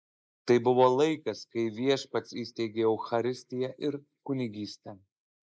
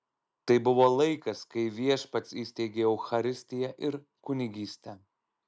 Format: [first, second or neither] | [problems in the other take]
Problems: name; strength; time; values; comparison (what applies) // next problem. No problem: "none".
second | noise reduction (neural mask model Resemble Enhance denoiser)